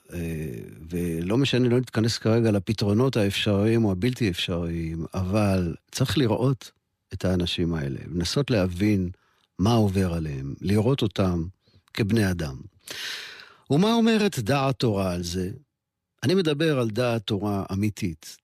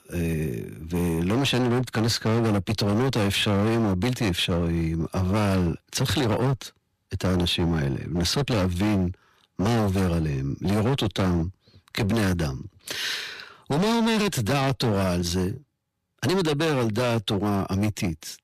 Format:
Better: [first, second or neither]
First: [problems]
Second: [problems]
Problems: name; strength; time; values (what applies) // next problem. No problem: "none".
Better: first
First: none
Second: distortion; heavy; 24% of the sound clipped